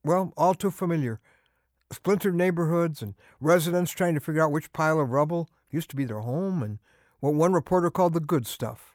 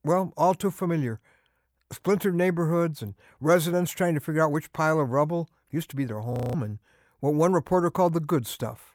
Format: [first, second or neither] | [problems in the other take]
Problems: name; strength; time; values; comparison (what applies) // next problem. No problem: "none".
first | audio freezing; at 6.5 s